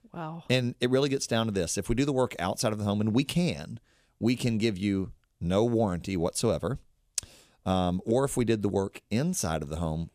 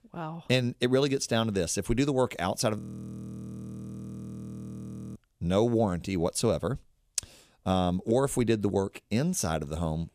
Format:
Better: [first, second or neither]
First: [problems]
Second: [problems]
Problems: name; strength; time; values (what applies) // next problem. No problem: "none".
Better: first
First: none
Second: audio freezing; at 3 s for 2.5 s